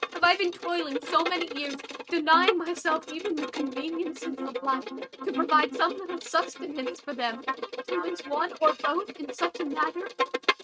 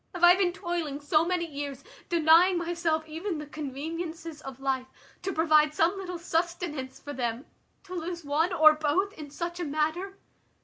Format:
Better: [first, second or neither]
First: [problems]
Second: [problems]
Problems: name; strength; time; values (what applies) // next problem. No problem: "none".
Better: second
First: noise reduction (neural mask model RNNoise)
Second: none